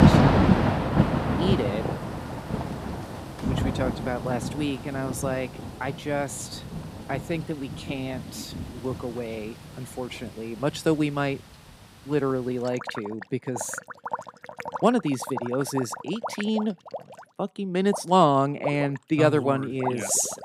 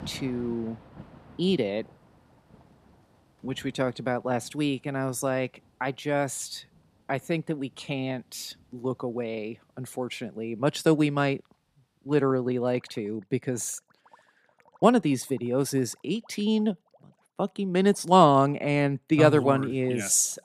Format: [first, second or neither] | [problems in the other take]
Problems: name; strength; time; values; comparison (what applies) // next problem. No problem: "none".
second | rain or running water; loud; throughout; 2 dB below the speech; faint in the second